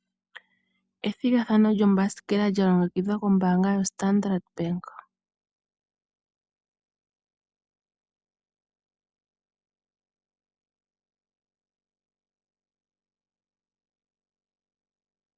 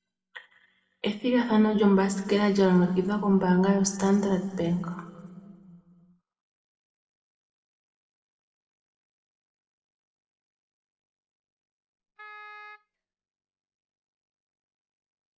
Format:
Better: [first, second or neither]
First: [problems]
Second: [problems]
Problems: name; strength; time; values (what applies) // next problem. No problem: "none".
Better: first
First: none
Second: background sound (Wind instrument, woodwind instrument); 19 dB below the speech // room echo; dies away in 1.6 s